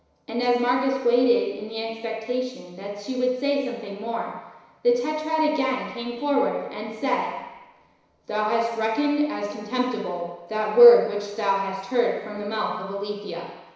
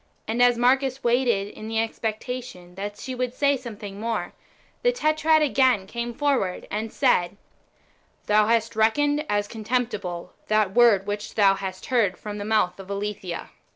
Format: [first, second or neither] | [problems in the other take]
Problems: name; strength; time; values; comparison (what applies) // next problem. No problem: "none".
second | room echo; dies away in 1 s